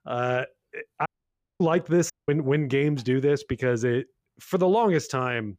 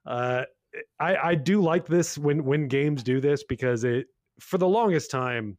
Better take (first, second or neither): second